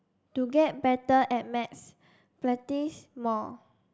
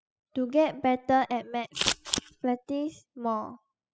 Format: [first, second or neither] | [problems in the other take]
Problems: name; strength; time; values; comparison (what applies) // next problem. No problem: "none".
first | noise reduction (classical method spectral subtraction)